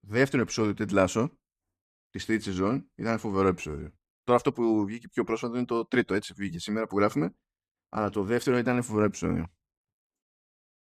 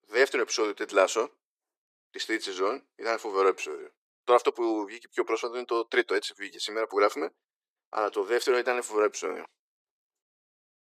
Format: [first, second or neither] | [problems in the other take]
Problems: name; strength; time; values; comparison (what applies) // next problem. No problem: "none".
first | thin; very; fading below 350 Hz